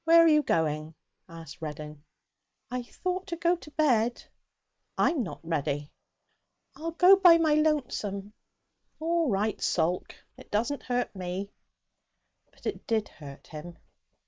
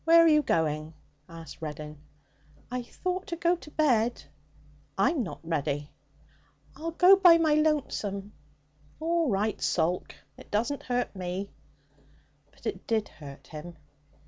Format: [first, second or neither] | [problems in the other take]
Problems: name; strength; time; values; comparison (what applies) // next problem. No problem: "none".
second | noise reduction (neural mask model Resemble Enhance denoiser)